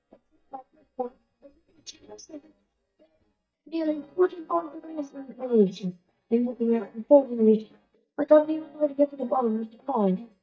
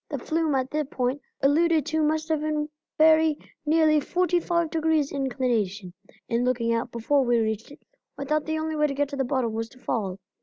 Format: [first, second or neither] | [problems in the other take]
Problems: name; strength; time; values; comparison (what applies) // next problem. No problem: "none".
second | noise reduction (neural mask model DeepFilterNet 3)